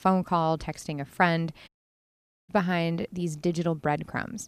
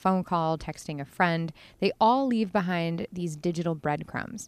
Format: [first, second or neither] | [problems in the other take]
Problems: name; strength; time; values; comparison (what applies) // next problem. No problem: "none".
second | audio cutting out; at 1.5 s for 1 s